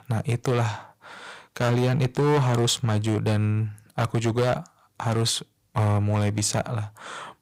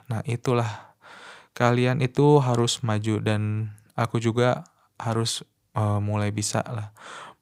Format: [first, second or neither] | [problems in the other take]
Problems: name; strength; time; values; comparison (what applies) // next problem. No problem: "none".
second | distortion; heavy; 8% of the sound clipped